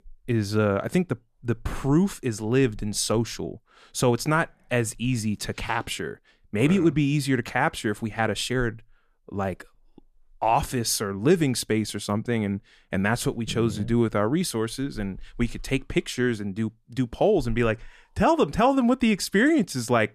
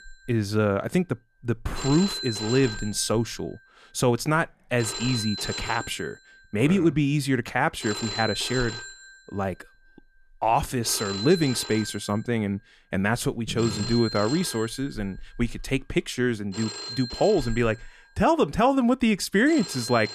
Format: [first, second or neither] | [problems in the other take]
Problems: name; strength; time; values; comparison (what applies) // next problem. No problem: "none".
first | alarms or sirens; loud; throughout; 8 dB below the speech